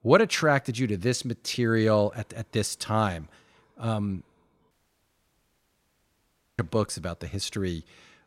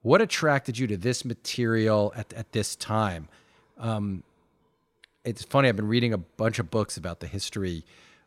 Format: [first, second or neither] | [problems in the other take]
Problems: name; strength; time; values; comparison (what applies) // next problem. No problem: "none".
second | audio cutting out; at 4.5 s for 2 s